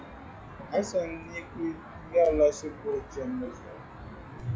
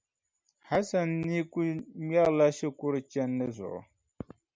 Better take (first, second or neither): second